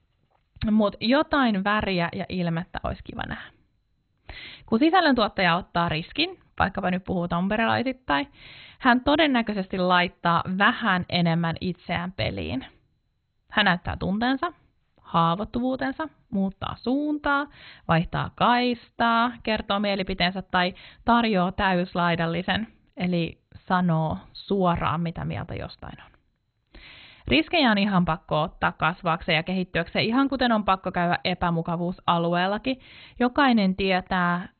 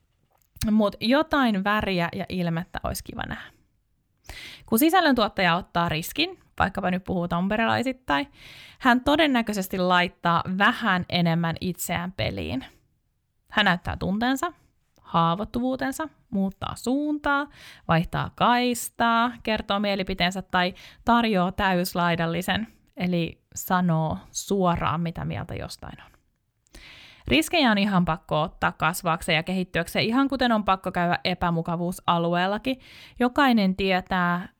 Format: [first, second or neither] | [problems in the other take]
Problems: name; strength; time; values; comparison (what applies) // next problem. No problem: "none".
second | garbled, watery; badly; nothing above 4 kHz